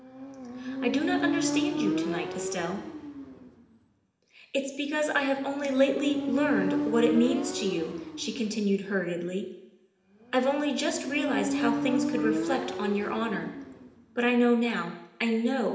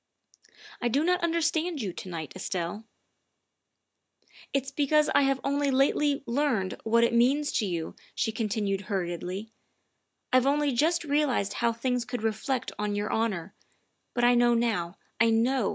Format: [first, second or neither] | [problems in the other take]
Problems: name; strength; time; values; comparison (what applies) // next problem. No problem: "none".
second | background sound (Motorcycle); 4 dB below the speech // room echo; dies away in 0.8 s